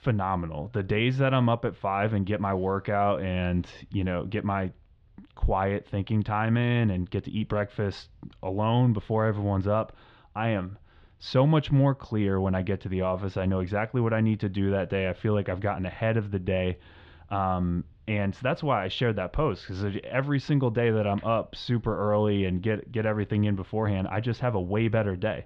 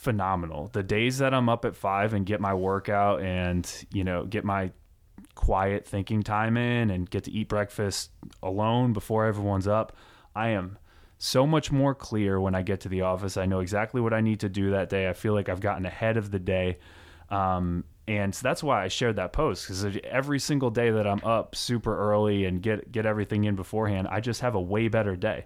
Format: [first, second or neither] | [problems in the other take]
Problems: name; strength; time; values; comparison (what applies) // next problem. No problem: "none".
second | muffled; slightly; fading above 3.5 kHz